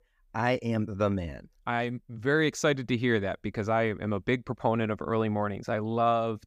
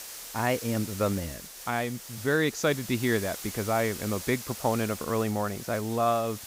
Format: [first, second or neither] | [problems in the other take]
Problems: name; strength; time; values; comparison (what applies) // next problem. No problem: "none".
first | hiss; loud; throughout; 10 dB below the speech